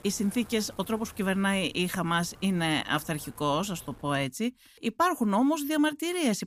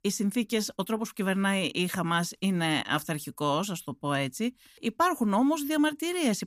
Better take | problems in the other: second | wind noise on the microphone; occasional gusts; until 4 s; 25 dB below the speech

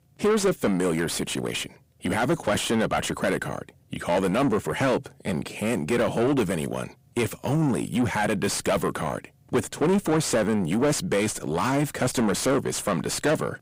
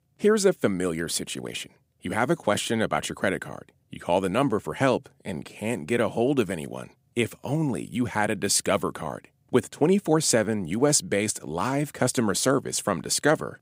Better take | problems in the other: second | distortion; heavy; 6 dB below the speech

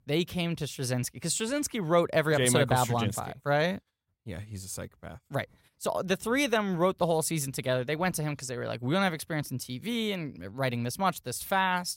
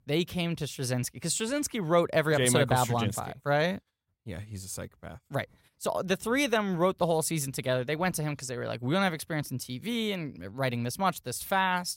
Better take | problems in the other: neither | none

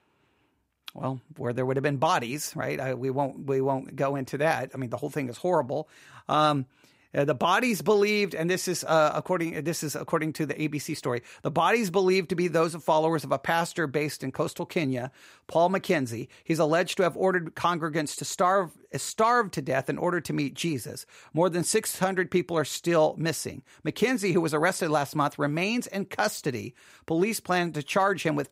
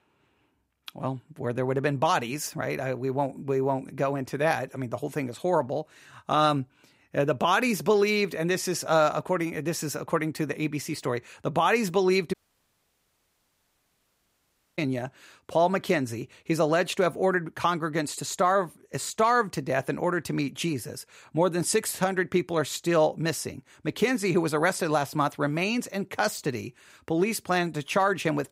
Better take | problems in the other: first | audio cutting out; at 12 s for 2.5 s

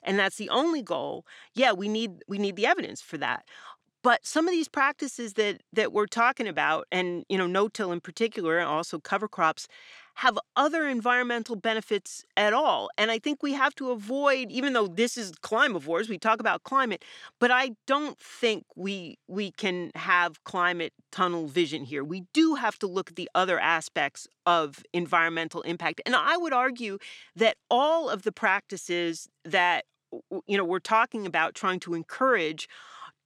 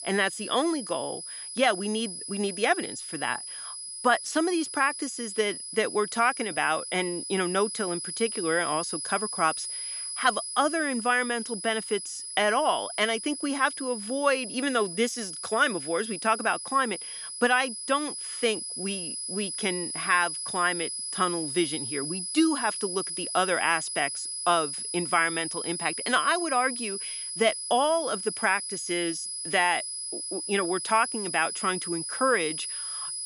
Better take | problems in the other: first | high-pitched whine; loud; throughout; 10 kHz, 5 dB below the speech

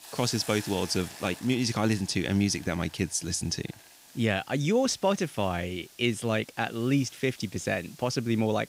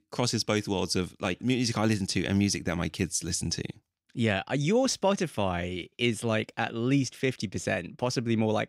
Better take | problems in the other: second | hiss; noticeable; throughout; 20 dB below the speech

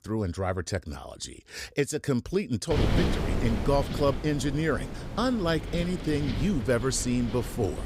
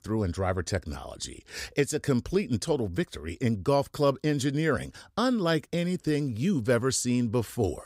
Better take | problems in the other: second | wind noise on the microphone; heavy; from 2.5 s on; 7 dB below the speech

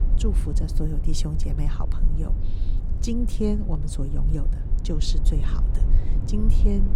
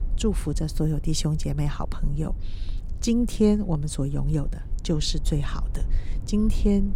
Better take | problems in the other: second | low rumble; loud; throughout; 8 dB below the speech; faint in the second

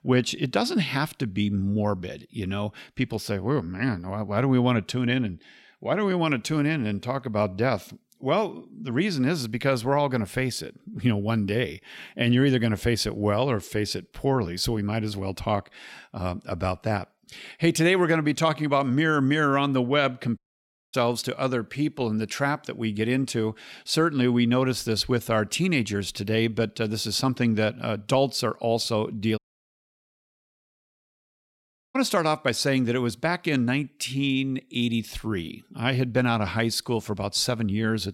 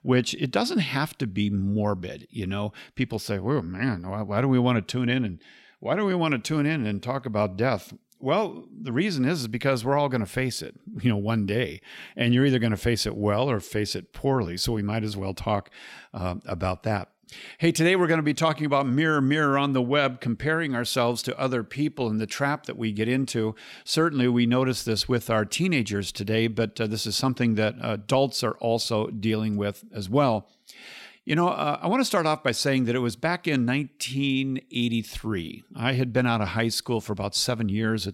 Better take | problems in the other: second | audio cutting out; at 20 s for 0.5 s and at 29 s for 2.5 s

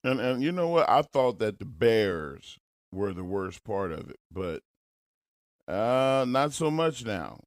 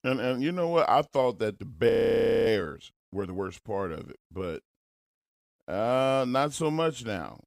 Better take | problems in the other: first | audio freezing; at 2 s for 0.5 s

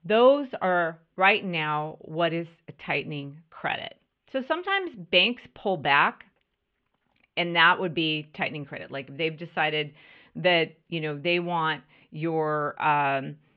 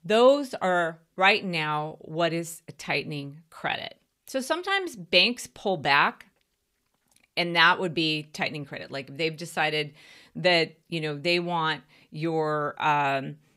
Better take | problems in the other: second | muffled; very slightly; fading above 3 kHz

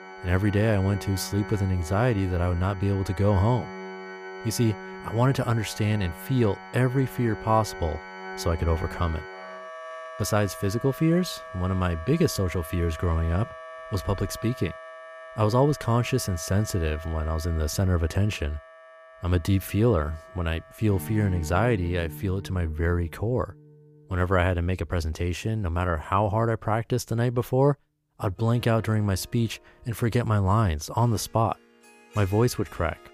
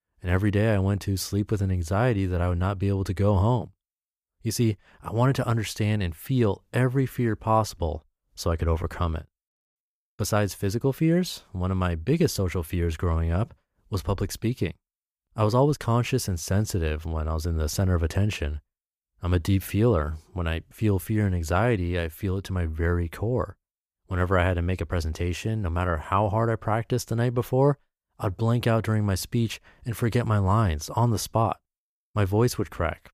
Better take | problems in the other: second | background music; noticeable; throughout; 15 dB below the speech

